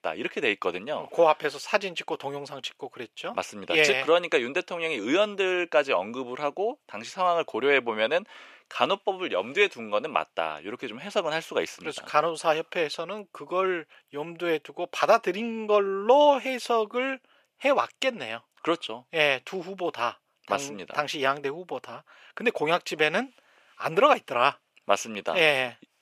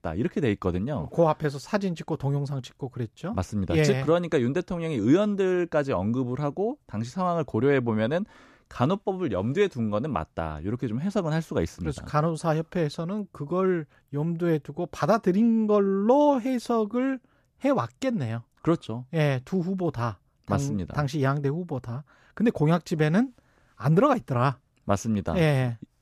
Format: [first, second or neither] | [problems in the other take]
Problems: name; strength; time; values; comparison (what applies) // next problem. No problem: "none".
second | thin; very; fading below 550 Hz